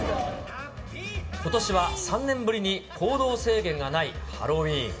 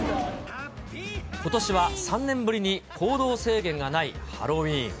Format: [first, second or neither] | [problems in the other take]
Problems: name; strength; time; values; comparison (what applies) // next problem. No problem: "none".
second | room echo; dies away in 0.7 s